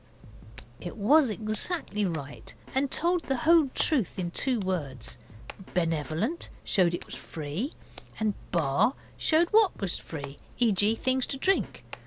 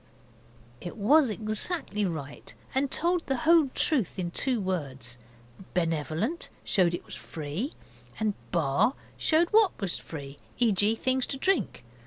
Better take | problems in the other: second | background sound (Drum kit + Hands); 19 dB below the speech

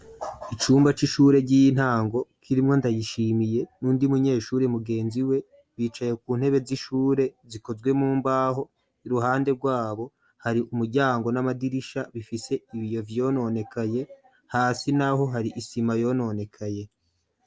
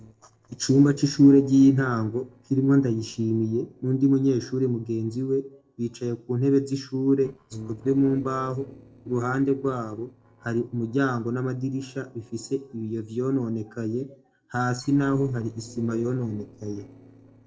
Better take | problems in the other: first | noise reduction (neural separator model SepFormer DNS4)

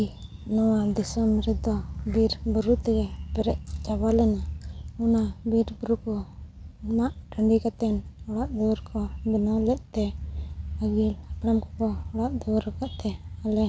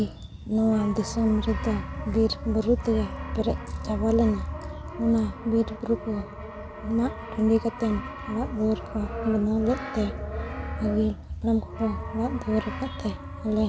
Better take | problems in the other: first | background sound (Brass instrument); 13 dB below the speech

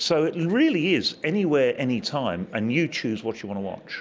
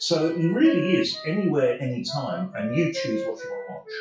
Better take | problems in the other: first | noise reduction (classical method WPE with log-MMSE)

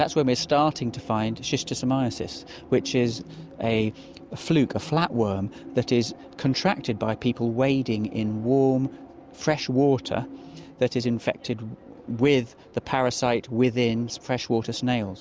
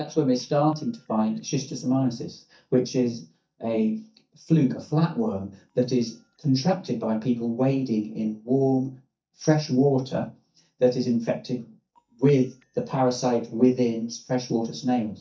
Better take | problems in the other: first | noise reduction (neural mask model DeepFilterNet 3)

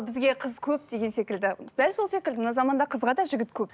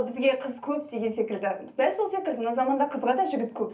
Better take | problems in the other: first | room echo; dies away in 0.3 s

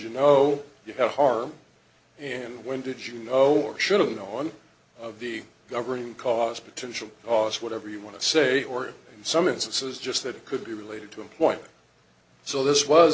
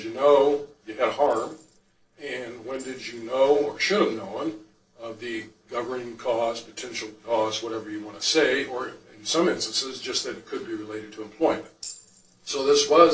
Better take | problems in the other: first | noise reduction (neural separator model SepFormer DNS4)

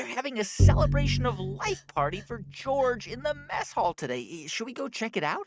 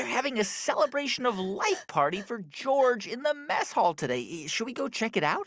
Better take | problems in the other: second | noise reduction (neural mask model RNNoise)

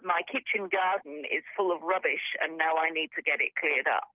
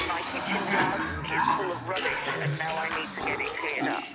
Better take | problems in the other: first | background sound (Cough); 3 dB above the speech

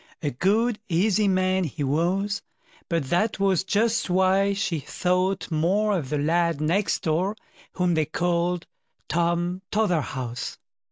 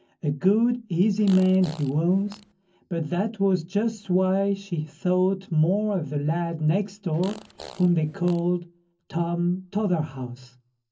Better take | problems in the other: first | background sound (Fart); 20 dB below the speech // room echo; dies away in 0.3 s

